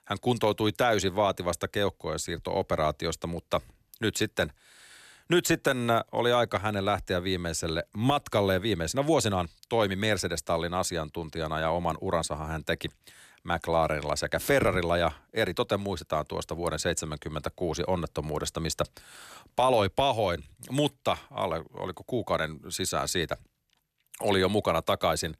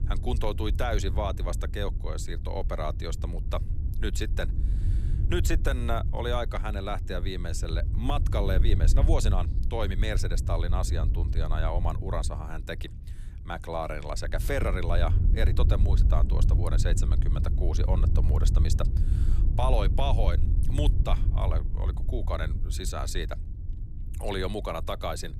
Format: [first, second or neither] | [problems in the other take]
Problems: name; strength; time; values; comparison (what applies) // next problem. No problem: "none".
first | wind noise on the microphone; occasional gusts; 10 dB below the speech